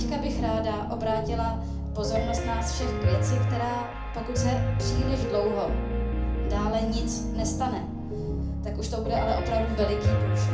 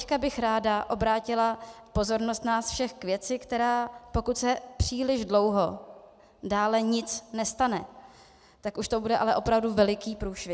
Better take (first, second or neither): second